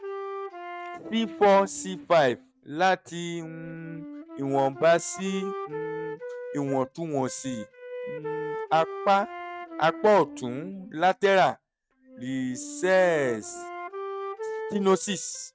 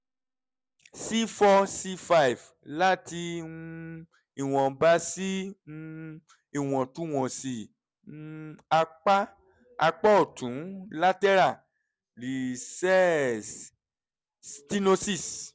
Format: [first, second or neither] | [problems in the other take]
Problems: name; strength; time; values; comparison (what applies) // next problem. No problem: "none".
second | noise reduction (neural mask model RNNoise)